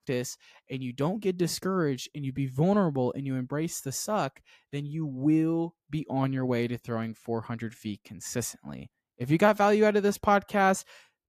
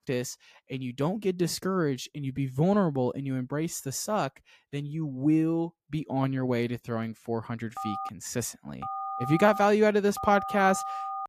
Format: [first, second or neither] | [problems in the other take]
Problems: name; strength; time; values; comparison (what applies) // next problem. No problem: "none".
first | phone ringing; noticeable; from 8 s on; peak 6 dB below the speech